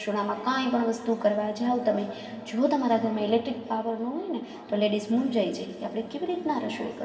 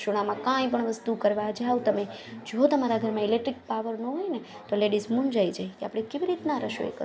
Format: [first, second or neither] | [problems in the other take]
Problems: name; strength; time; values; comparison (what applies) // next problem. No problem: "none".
second | room echo; dies away in 2.3 s